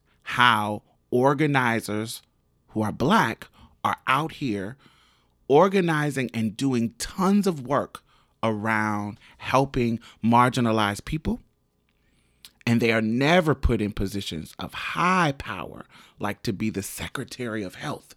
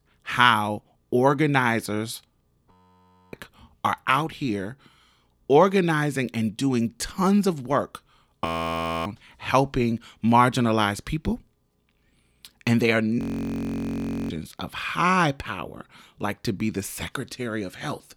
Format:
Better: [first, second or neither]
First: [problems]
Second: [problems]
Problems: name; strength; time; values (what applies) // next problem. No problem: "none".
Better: first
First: none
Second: audio freezing; at 2.5 s for 0.5 s, at 8.5 s for 0.5 s and at 13 s for 1 s